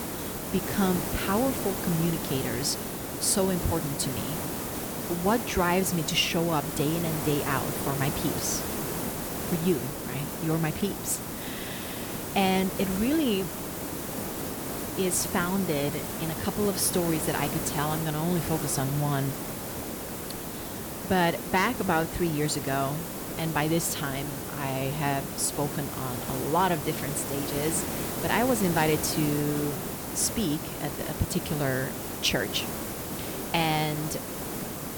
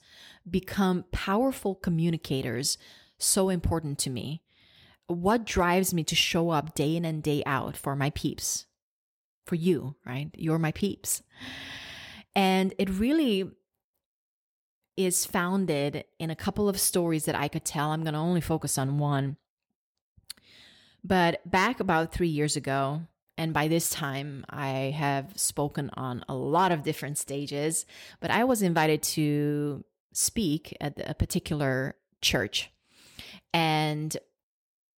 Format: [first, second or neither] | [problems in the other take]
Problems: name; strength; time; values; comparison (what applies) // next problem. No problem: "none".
second | hiss; loud; throughout; 4 dB below the speech